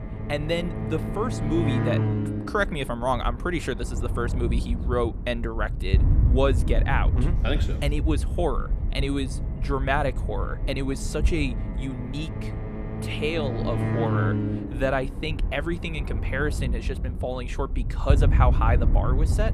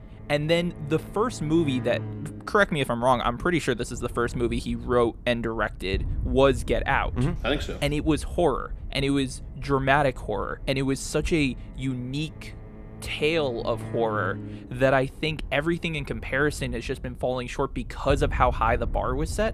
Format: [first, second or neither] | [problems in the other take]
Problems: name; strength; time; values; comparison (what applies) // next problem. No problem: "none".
second | low rumble; loud; throughout; 9 dB below the speech; faint in the second